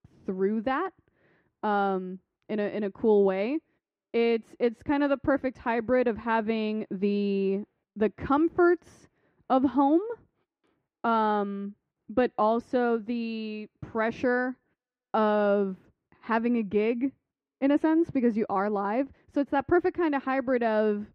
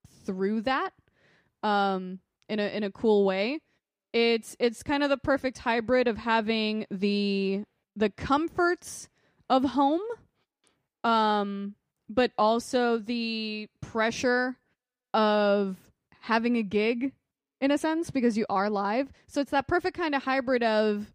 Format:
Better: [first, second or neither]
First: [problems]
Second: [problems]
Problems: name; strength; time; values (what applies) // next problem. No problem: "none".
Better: second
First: muffled; slightly; fading above 4 kHz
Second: none